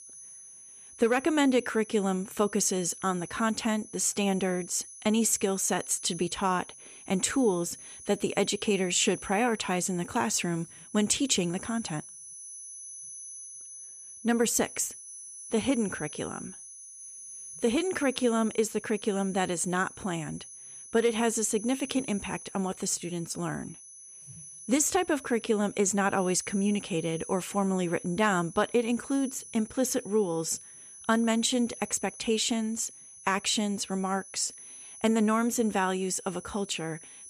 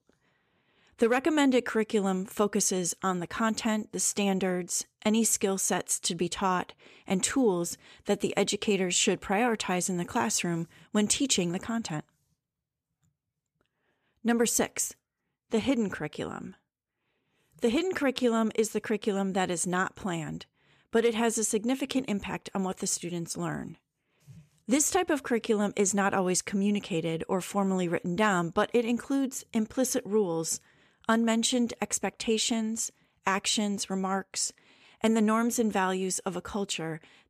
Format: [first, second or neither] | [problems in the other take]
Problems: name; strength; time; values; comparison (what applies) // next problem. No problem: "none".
second | high-pitched whine; noticeable; throughout; 10 kHz, 15 dB below the speech